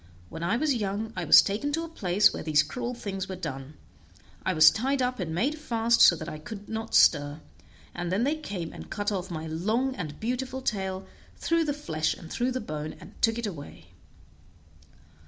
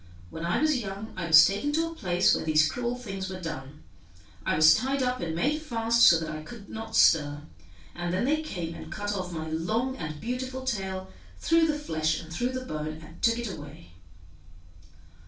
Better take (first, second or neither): first